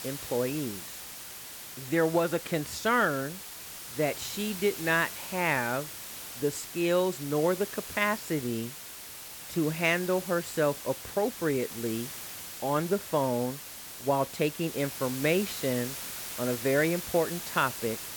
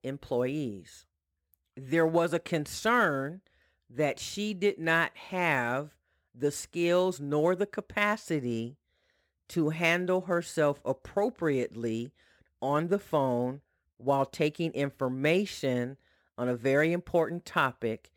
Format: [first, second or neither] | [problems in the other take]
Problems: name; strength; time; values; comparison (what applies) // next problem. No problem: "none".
second | hiss; loud; throughout; 9 dB below the speech